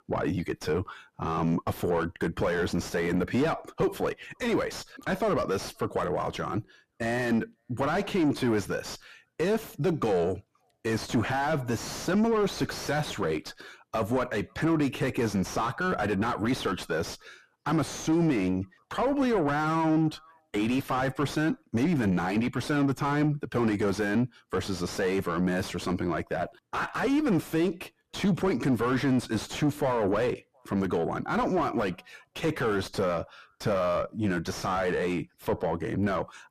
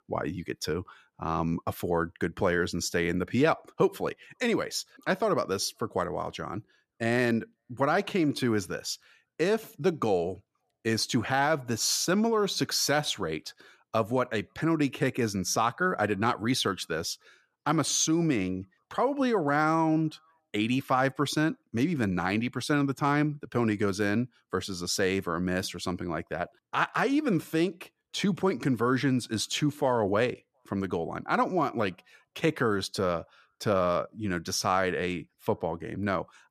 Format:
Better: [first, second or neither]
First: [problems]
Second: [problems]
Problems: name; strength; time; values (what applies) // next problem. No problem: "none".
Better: second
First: distortion; heavy; 5 dB below the speech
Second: none